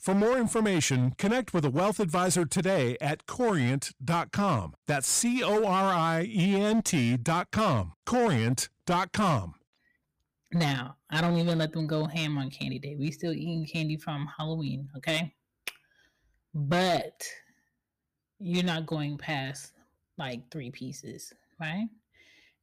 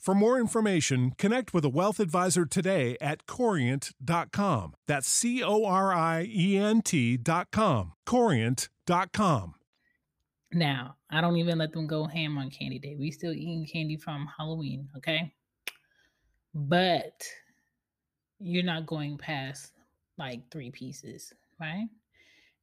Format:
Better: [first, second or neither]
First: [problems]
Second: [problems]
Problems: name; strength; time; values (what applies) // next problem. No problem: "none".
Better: second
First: distortion; slight; 9% of the sound clipped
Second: none